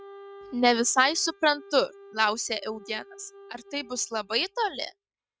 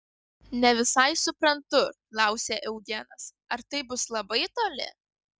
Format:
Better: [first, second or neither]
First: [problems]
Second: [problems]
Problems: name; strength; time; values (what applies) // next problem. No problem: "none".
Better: second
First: noise reduction (neural mask model RNNoise)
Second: none